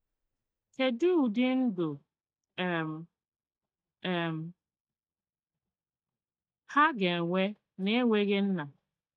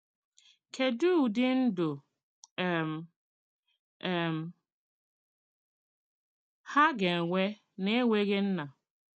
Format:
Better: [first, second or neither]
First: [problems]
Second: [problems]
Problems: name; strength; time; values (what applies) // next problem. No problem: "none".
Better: second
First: noise reduction (neural mask model DeepFilterNet 3)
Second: none